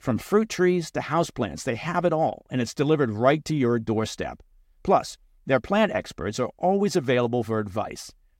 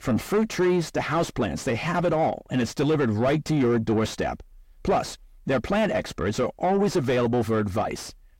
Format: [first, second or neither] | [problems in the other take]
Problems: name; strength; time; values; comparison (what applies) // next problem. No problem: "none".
first | distortion; heavy; 6 dB below the speech